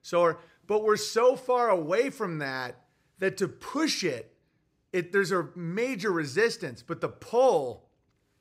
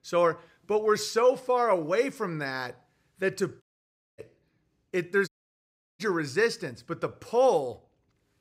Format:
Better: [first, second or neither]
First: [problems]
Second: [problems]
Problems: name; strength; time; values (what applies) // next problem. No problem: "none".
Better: first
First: none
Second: audio cutting out; at 3.5 s for 0.5 s and at 5.5 s for 0.5 s